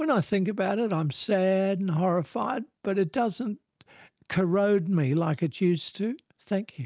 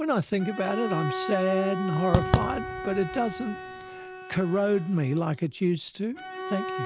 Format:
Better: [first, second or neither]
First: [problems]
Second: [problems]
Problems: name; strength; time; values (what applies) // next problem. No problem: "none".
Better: first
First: none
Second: background sound (Bowed string instrument + Fireworks); 5 dB below the speech